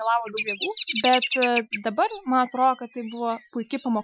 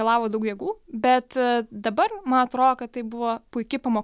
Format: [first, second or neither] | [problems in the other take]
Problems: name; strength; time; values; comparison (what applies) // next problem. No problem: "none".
second | noise reduction (classical method Wiener filter)